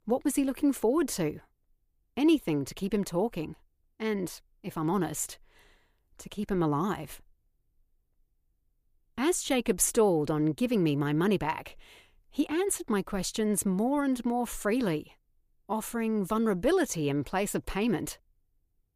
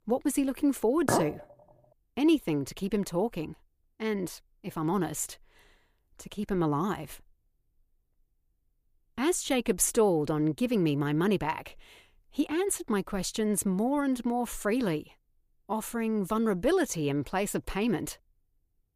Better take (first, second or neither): first